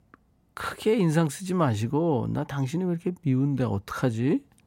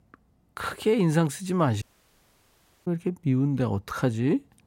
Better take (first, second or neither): first